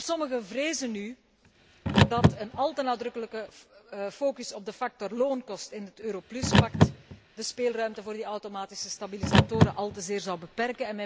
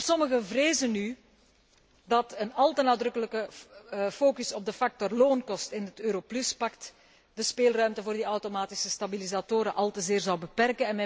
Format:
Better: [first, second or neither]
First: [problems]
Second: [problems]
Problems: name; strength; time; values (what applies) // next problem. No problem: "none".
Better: second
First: background sound (Car); 4 dB above the speech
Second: none